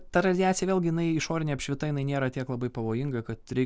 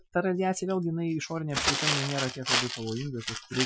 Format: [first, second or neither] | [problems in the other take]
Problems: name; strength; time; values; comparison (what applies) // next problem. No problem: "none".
first | noise reduction (classical method Wiener filter)